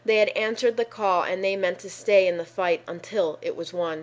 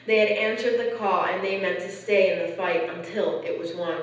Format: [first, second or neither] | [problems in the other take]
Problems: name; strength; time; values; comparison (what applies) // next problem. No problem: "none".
first | room echo; dies away in 0.9 s